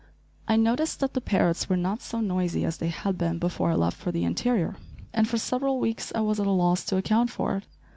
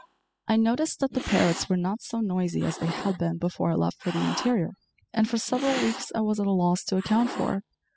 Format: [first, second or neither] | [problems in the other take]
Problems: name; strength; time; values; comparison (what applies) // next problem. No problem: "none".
first | noise reduction (classical method spectral subtraction)